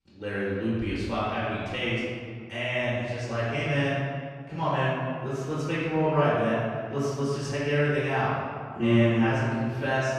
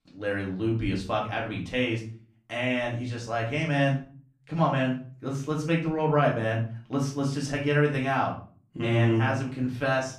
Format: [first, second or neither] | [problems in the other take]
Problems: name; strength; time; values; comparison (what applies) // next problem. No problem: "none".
second | room echo; strong; dies away in 1.7 s; slight in the second // off-mic speech; far; far in the second